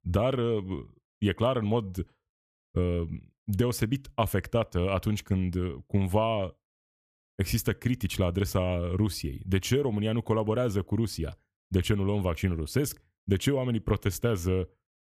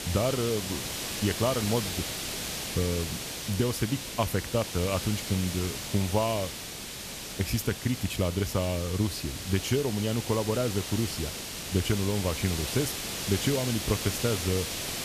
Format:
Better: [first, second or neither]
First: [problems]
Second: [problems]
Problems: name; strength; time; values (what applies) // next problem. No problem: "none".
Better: first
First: none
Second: hiss; loud; throughout; 4 dB below the speech